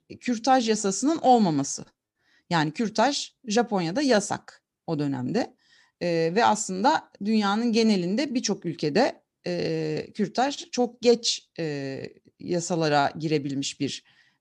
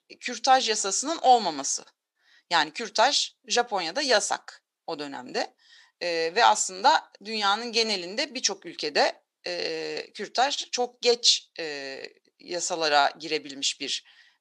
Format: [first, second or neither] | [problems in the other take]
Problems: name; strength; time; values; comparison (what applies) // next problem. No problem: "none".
first | thin; very; fading below 650 Hz